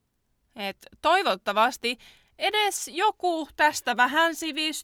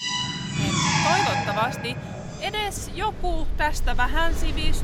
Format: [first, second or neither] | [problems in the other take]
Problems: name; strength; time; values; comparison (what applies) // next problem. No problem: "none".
first | machinery noise; very loud; throughout; 1 dB above the speech